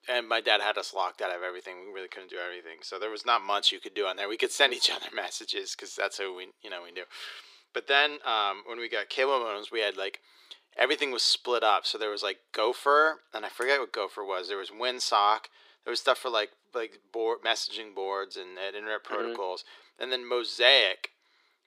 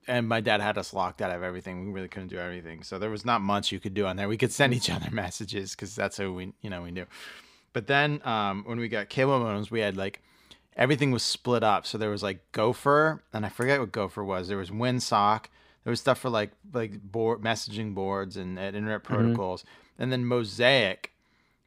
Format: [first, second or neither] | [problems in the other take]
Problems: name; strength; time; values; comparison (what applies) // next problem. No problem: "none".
second | thin; very; fading below 350 Hz